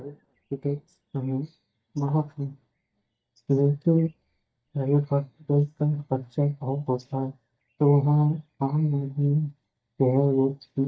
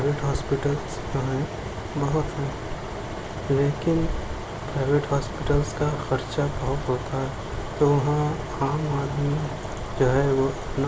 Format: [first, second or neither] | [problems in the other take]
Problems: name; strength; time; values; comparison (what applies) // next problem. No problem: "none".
second | noise reduction (neural mask model DeepFilterNet 3)